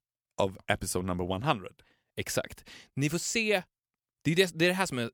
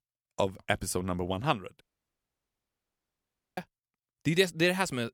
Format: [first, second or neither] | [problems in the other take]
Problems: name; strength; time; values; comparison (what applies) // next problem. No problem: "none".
first | audio cutting out; at 2 s for 2 s